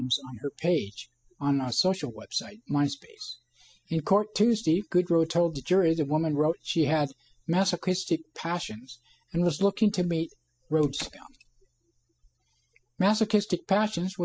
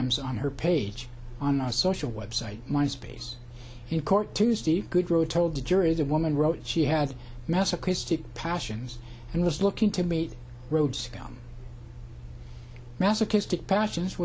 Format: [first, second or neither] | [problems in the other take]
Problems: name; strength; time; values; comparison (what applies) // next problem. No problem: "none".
second | noise reduction (classical method spectral subtraction)